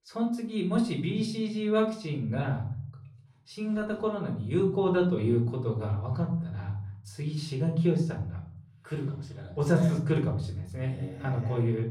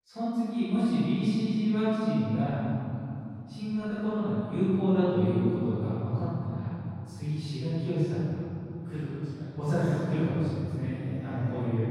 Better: first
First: room echo; slight; dies away in 0.6 s // off-mic speech; far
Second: room echo; strong; dies away in 3 s // off-mic speech; far

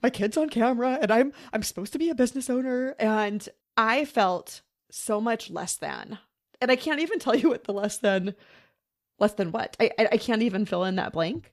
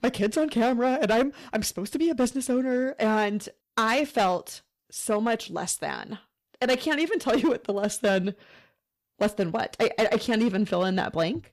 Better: first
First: none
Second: distortion; slight; 6% of the sound clipped

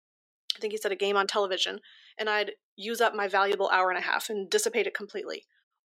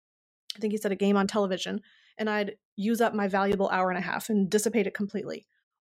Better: second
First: thin; very; fading below 350 Hz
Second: none

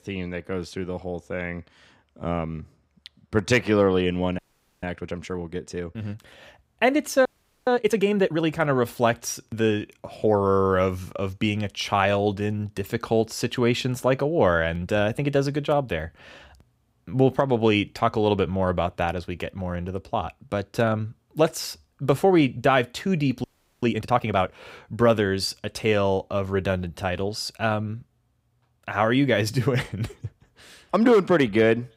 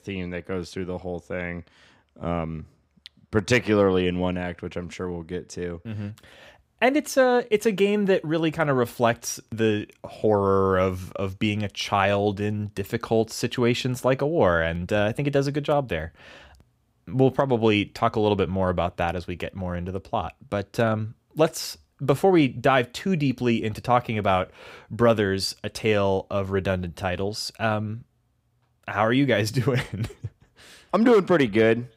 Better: second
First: audio freezing; at 4.5 s, at 7.5 s and at 23 s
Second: none

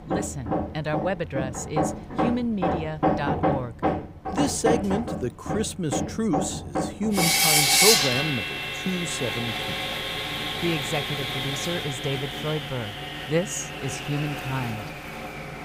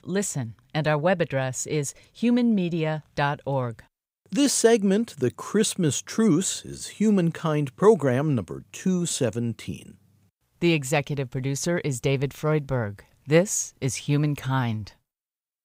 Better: second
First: machinery noise; very loud; throughout; 4 dB above the speech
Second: none

